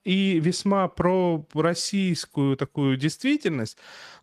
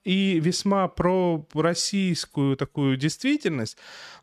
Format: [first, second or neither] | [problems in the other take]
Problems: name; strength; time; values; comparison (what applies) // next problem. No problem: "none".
second | garbled, watery; slightly; nothing above 14.5 kHz